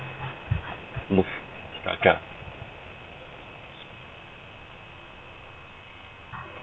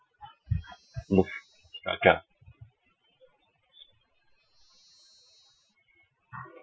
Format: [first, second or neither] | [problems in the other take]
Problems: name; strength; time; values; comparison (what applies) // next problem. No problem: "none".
first | noise reduction (classical method Wiener filter)